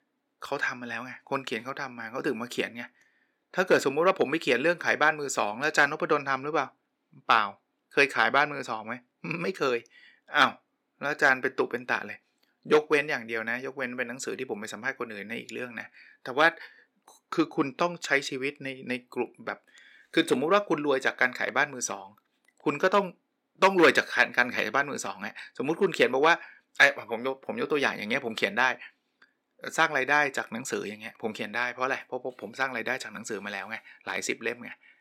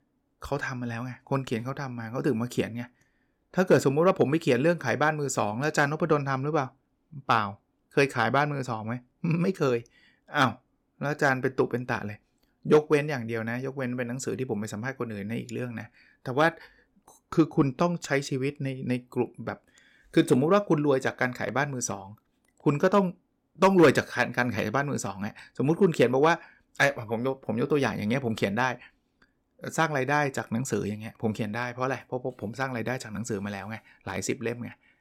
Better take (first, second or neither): second